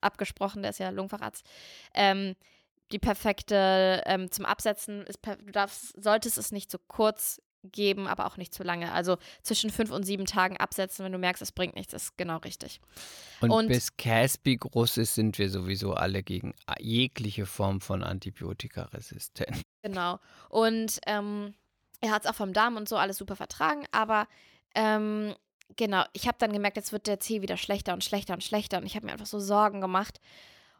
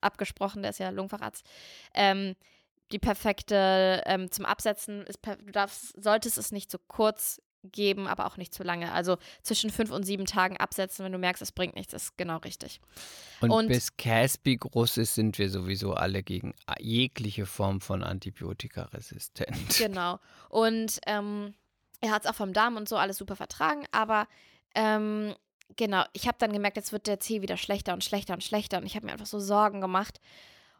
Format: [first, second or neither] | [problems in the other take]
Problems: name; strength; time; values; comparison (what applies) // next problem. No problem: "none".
second | audio cutting out; at 20 s